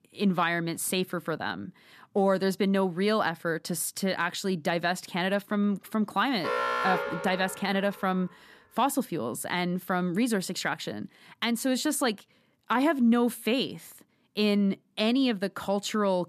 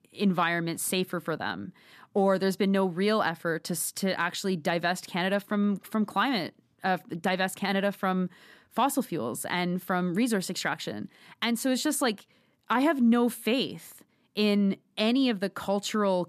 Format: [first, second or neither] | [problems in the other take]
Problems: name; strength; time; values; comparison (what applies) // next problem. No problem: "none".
second | alarm; loud; from 6.5 to 7.5 s; peak 1 dB above the speech